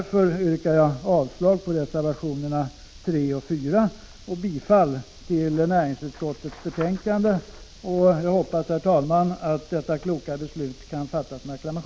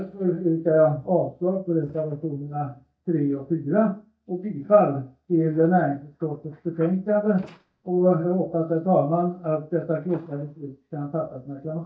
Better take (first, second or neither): first